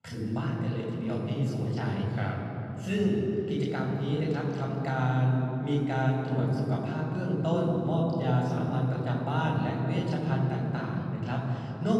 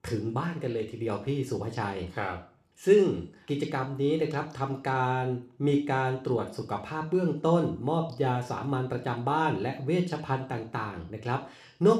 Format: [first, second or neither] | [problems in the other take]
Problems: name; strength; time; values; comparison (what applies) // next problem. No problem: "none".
second | room echo; strong; dies away in 3 s; slight in the second // off-mic speech; far; somewhat distant in the second